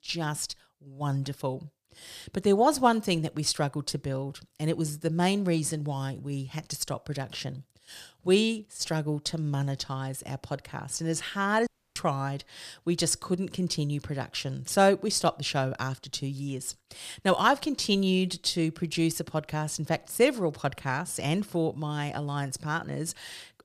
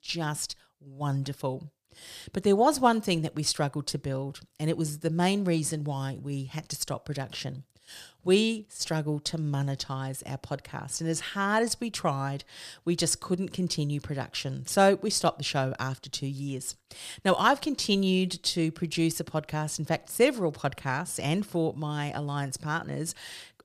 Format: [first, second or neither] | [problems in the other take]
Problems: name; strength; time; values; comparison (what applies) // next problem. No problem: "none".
second | audio cutting out; at 12 s